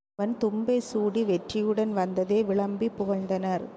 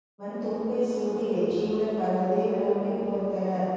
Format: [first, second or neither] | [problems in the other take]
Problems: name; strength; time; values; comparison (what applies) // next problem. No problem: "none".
first | room echo; dies away in 2.2 s